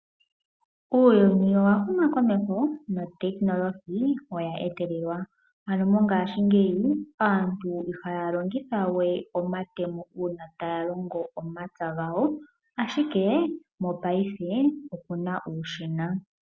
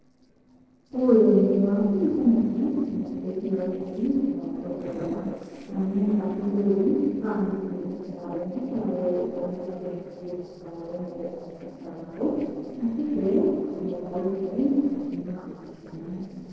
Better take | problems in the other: first | noise reduction (neural separator model SepFormer DNS4)

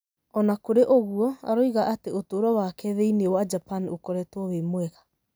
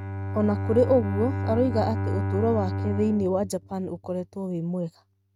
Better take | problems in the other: first | noise reduction (neural mask model RNNoise)

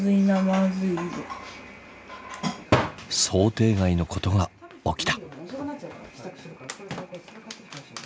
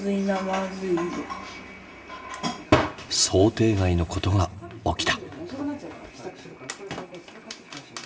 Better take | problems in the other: first | room echo; dies away in 0.6 s

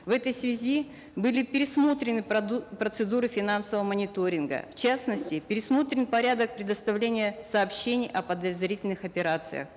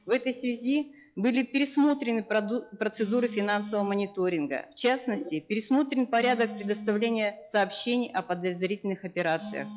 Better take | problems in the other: first | noise reduction (classical method log-MMSE)

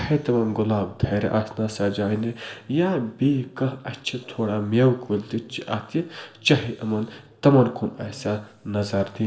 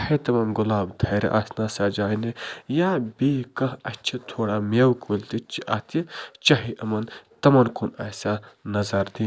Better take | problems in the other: second | room echo; dies away in 2.8 s

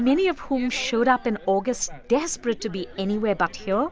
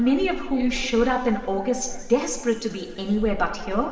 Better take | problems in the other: first | background sound (Meow / Purr); 11 dB below the speech // room echo; dies away in 2.3 s

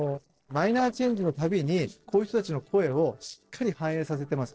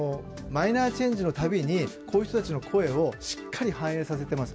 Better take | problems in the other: second | noise reduction (neural separator model SepFormer DNS4)

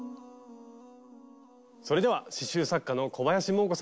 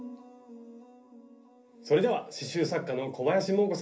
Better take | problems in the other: first | room echo; dies away in 0.3 s

